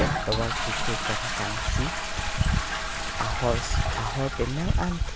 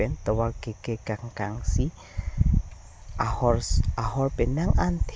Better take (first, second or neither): second